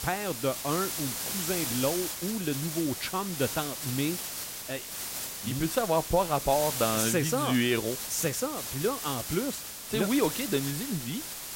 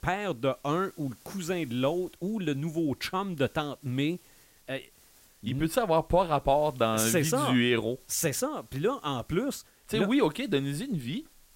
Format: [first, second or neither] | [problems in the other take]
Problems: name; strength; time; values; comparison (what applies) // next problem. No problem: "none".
second | hiss; loud; throughout; 4 dB below the speech; faint in the second